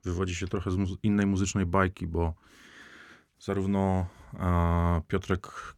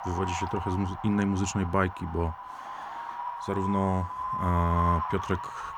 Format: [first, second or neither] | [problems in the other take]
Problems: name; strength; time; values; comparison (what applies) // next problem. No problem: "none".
first | wind noise on the microphone; heavy; 1 dB above the speech